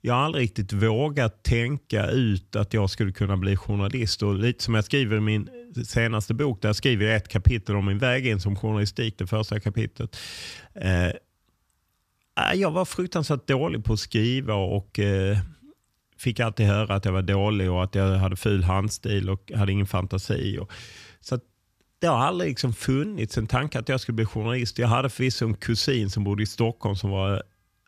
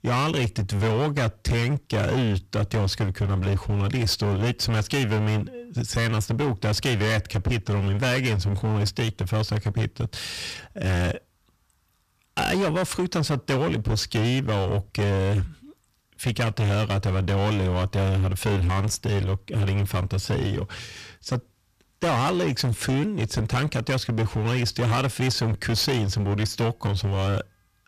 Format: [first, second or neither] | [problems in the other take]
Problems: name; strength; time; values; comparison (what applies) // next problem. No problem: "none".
first | distortion; heavy; 23% of the sound clipped